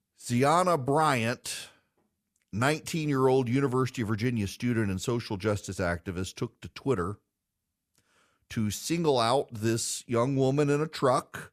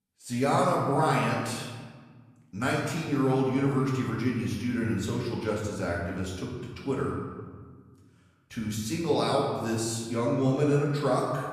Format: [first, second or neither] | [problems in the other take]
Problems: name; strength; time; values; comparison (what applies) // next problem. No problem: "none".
first | room echo; noticeable; dies away in 1.3 s // off-mic speech; far